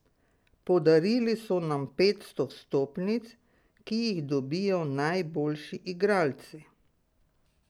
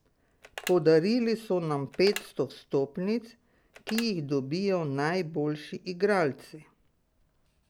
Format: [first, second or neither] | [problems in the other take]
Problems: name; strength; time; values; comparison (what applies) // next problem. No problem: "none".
first | background sound (Telephone); 16 dB below the speech